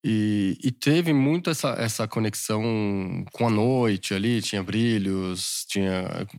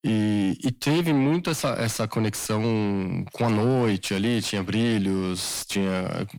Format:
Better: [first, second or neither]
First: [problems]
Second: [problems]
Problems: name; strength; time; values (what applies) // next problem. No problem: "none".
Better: first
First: none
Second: distortion; slight; 10 dB below the speech